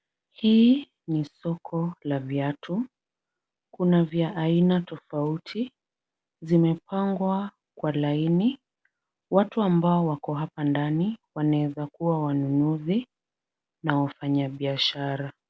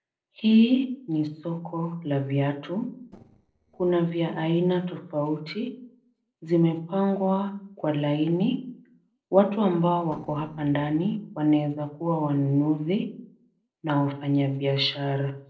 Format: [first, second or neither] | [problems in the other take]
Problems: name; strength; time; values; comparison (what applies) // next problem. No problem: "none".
first | noise reduction (neural separator model SepFormer DNS4)